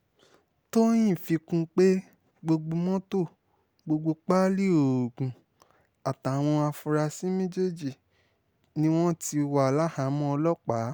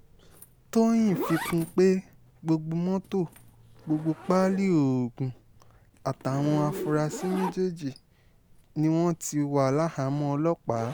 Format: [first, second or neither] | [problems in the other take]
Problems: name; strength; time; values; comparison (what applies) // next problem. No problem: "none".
first | background sound (Zipper (clothing)); 14 dB below the speech